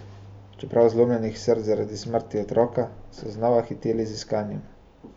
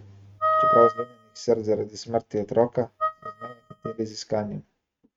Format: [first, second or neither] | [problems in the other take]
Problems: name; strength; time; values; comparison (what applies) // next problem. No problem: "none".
first | noise reduction (neural mask model RNNoise)